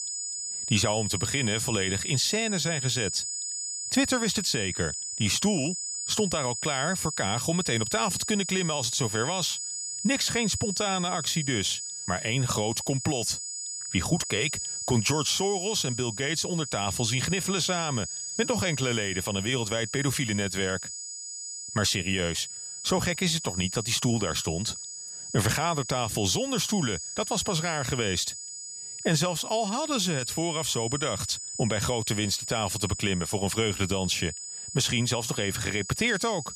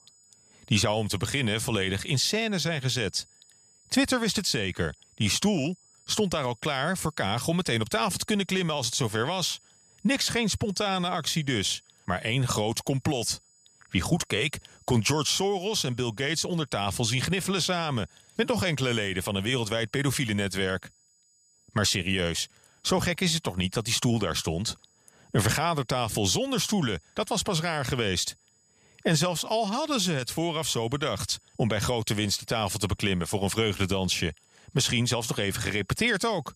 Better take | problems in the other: second | high-pitched whine; loud; throughout; 7 kHz, 5 dB below the speech; faint in the second

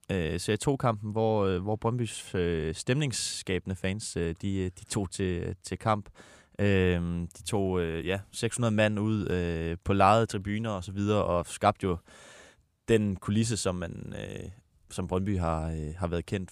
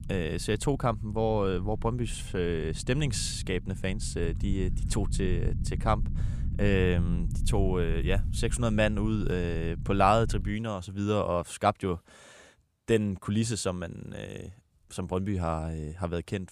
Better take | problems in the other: first | low rumble; noticeable; until 10 s; 20 dB below the speech

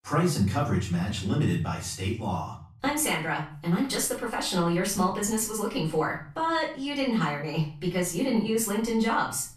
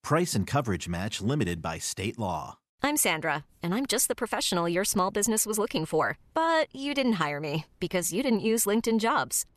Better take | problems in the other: second | off-mic speech; far // room echo; slight; dies away in 0.6 s

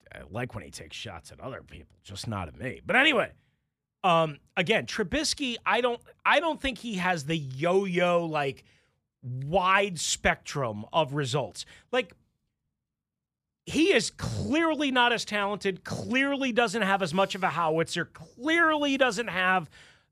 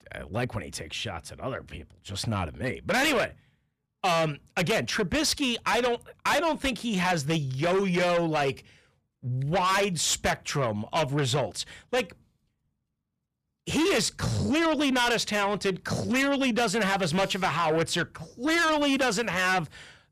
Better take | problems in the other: first | distortion; heavy; 6 dB below the speech

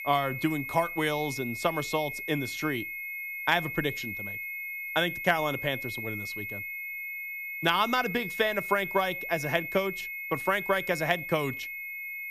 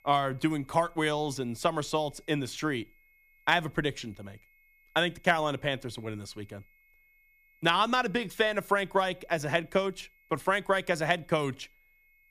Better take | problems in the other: second | high-pitched whine; loud; throughout; 2 kHz, 5 dB below the speech; faint in the second

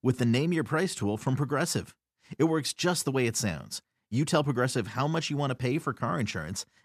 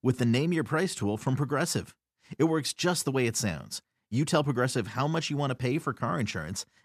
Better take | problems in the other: neither | none

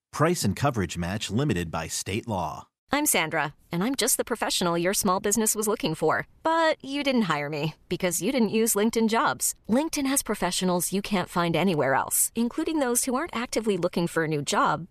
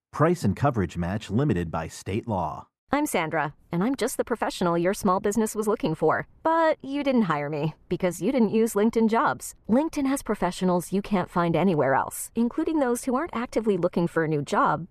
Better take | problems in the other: first | muffled; slightly; fading above 2 kHz

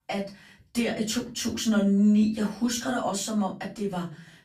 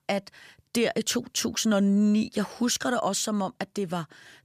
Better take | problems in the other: second | off-mic speech; far // room echo; slight; dies away in 0.3 s

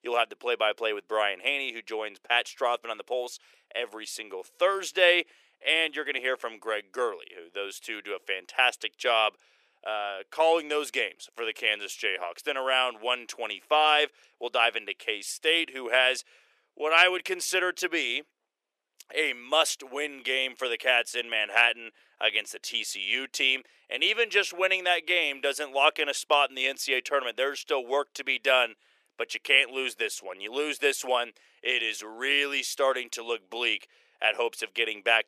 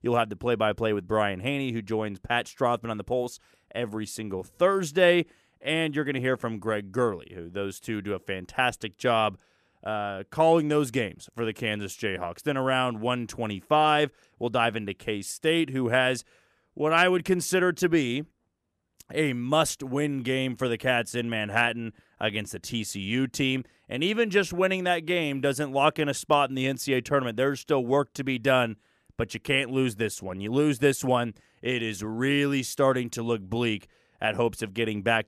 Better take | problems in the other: second | thin; very; fading below 400 Hz

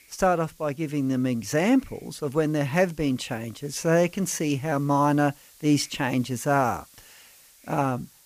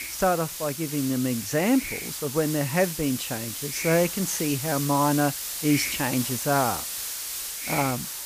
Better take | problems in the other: first | hiss; loud; throughout; 4 dB below the speech; faint in the first

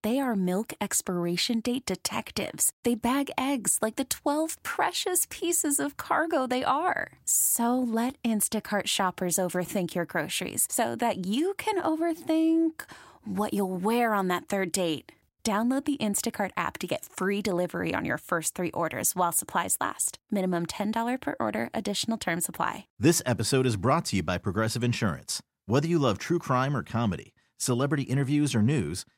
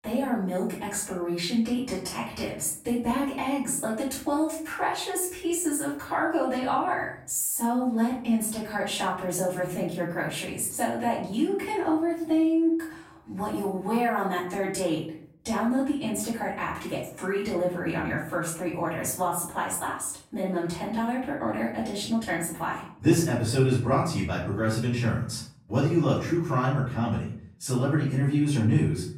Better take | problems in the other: first | room echo; noticeable; dies away in 0.5 s // off-mic speech; far

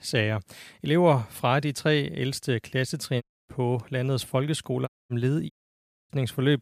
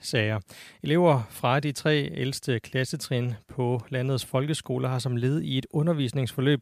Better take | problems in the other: second | audio cutting out; at 3 s, at 5 s and at 5.5 s for 0.5 s

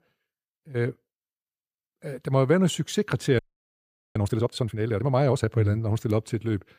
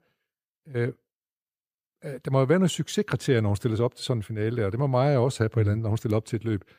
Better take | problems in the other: second | audio freezing; at 3.5 s for 1 s

